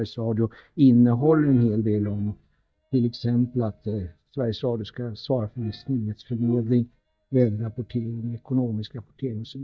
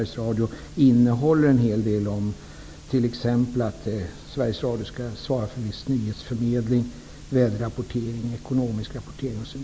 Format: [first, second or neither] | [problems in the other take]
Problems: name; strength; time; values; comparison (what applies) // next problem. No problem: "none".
second | noise reduction (neural mask model DeepFilterNet 3)